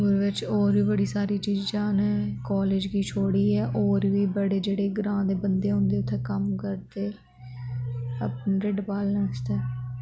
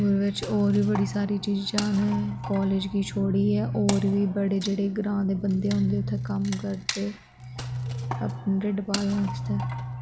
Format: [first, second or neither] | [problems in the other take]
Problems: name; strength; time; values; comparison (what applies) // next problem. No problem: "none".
first | background sound (Wood); 14 dB below the speech